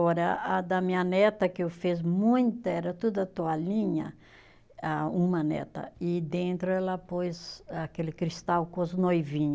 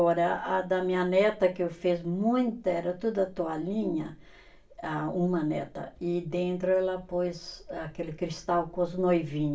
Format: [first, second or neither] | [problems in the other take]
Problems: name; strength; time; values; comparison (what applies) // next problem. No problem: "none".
first | room echo; dies away in 0.3 s